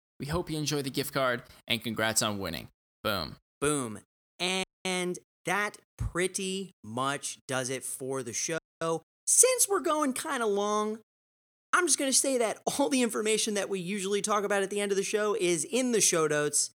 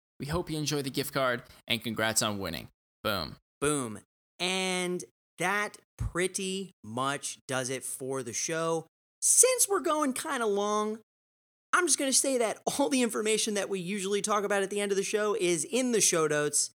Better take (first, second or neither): second